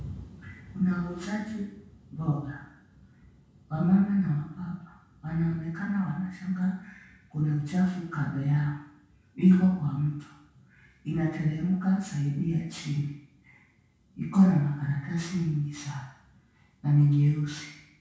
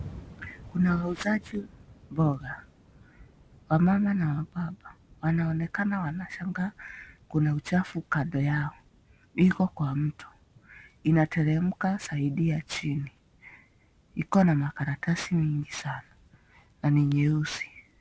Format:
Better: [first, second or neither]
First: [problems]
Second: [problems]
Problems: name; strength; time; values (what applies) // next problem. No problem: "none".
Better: second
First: room echo; dies away in 0.6 s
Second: none